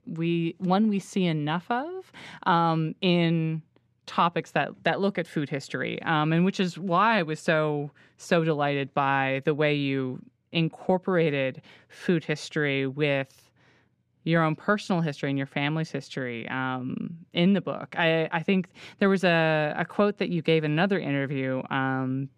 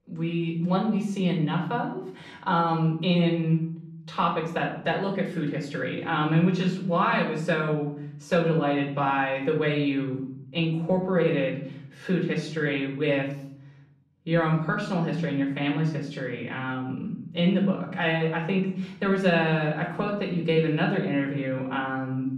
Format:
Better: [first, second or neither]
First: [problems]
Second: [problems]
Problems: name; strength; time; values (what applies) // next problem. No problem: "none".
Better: first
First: none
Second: off-mic speech; far // room echo; slight; dies away in 0.8 s